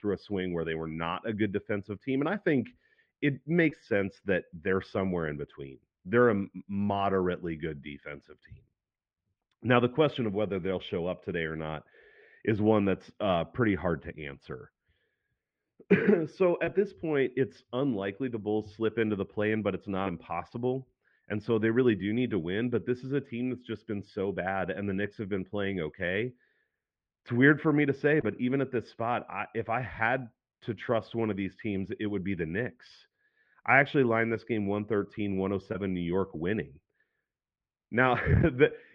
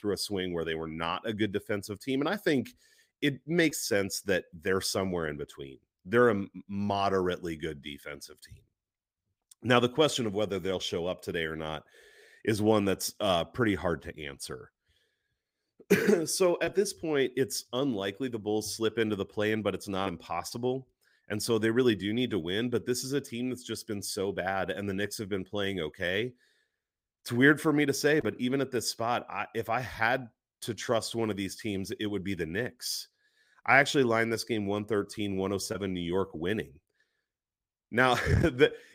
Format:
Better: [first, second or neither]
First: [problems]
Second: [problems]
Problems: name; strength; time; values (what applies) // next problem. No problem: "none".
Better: second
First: muffled; very; fading above 2.5 kHz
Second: none